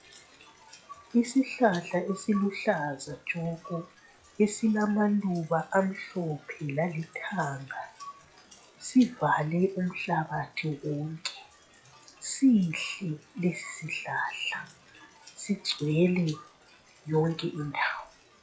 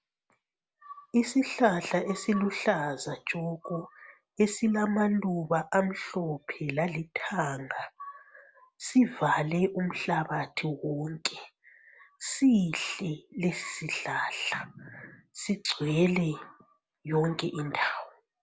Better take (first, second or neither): second